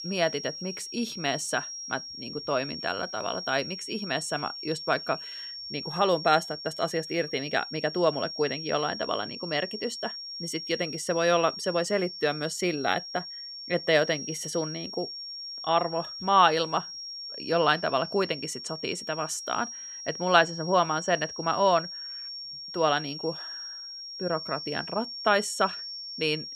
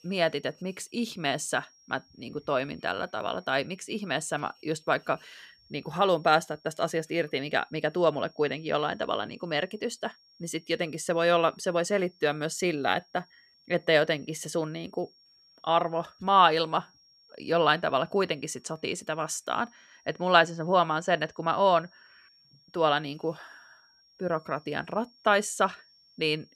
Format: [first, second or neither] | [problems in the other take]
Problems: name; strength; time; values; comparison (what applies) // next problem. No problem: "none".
second | high-pitched whine; loud; throughout; 5.5 kHz, 8 dB below the speech; faint in the second